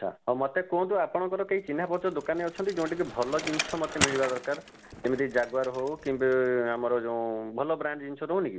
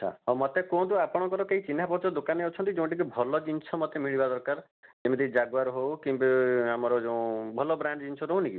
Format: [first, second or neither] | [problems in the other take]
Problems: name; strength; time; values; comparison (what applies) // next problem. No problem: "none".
second | background sound (Bicycle); 10 dB below the speech